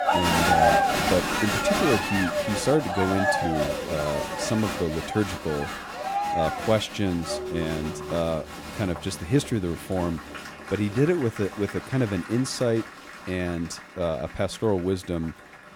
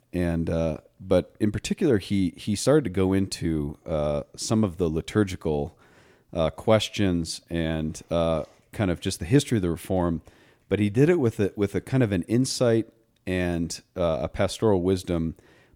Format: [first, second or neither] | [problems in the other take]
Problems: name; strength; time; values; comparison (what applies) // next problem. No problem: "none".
second | crowd noise; very loud; throughout; as loud as the speech